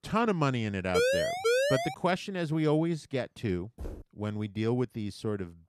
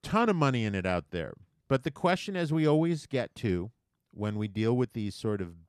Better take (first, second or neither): second